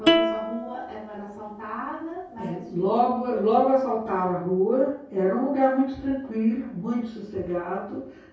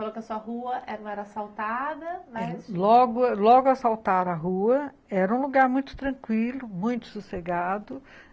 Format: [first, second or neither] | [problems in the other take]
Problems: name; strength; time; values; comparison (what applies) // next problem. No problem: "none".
second | background sound (Plucked string instrument); 2 dB below the speech // room echo; dies away in 0.6 s